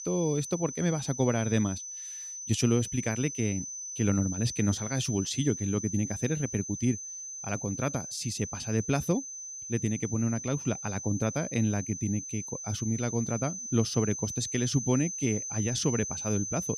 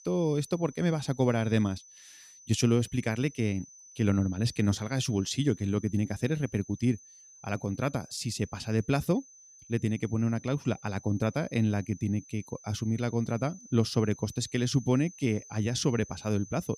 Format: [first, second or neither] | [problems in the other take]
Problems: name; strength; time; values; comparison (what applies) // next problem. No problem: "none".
second | high-pitched whine; loud; throughout; 6 kHz, 6 dB below the speech; faint in the second